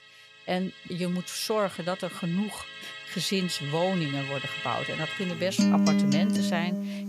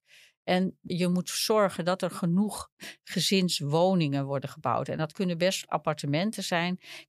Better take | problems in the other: second | background music; very loud; throughout; 1 dB above the speech

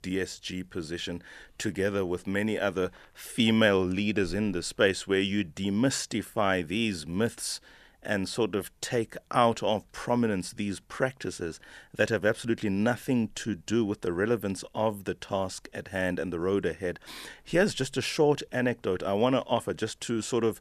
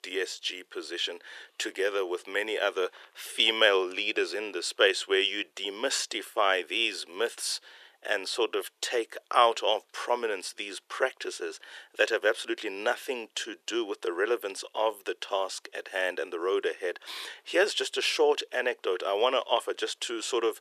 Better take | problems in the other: first | thin; very; fading below 350 Hz

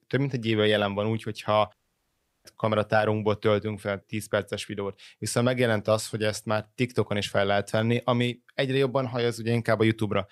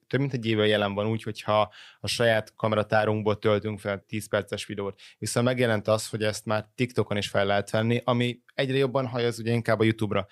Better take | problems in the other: second | audio cutting out; at 1.5 s for 0.5 s

